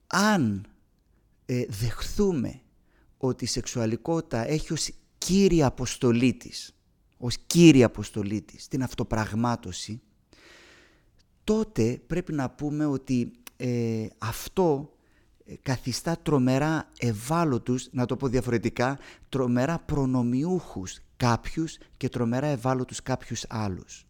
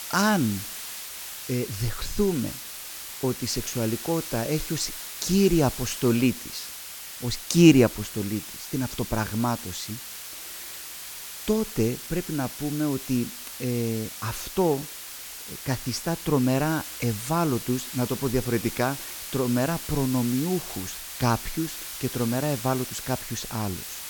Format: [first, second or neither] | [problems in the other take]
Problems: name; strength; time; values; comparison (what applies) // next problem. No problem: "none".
first | hiss; loud; throughout; 8 dB below the speech